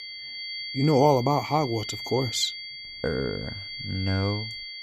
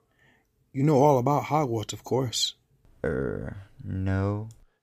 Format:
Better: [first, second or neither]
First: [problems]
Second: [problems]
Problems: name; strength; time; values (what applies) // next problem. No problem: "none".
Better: second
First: high-pitched whine; loud; throughout; 4.5 kHz, 8 dB below the speech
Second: none